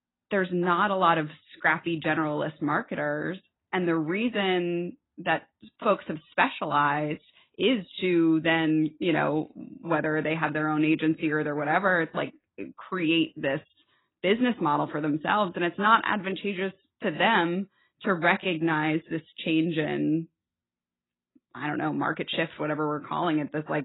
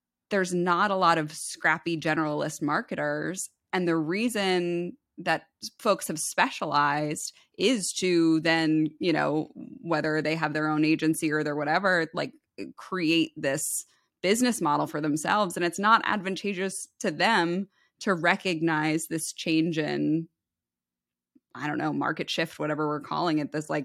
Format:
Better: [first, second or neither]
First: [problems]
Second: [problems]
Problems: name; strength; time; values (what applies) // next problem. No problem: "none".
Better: second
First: garbled, watery; badly; nothing above 4 kHz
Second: none